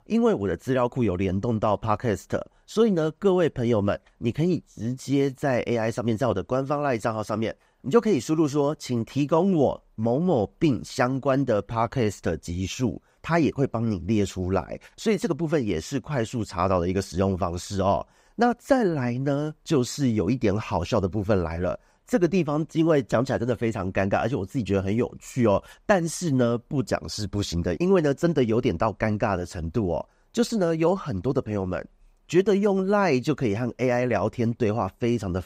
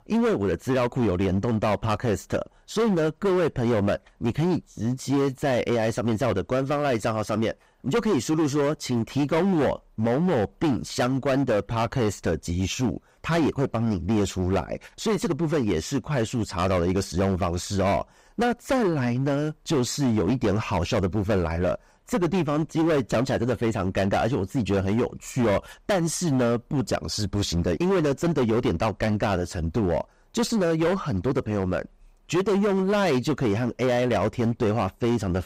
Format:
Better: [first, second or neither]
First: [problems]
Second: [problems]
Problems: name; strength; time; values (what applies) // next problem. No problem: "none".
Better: first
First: none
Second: distortion; heavy; 16% of the sound clipped